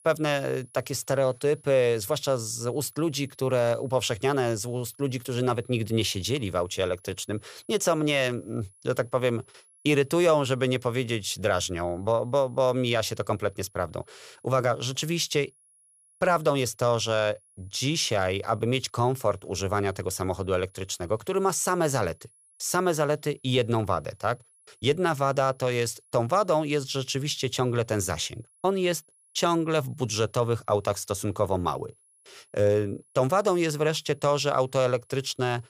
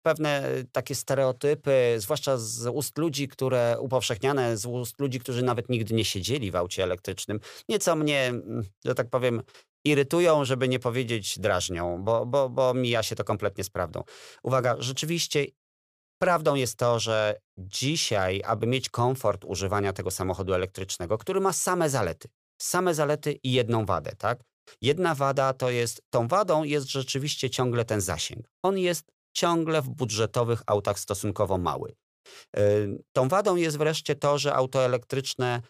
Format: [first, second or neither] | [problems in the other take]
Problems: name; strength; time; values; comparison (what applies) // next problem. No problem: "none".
second | high-pitched whine; faint; throughout; 10.5 kHz, 30 dB below the speech